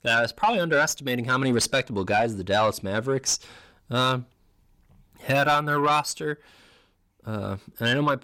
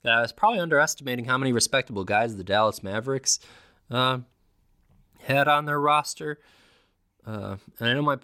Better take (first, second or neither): second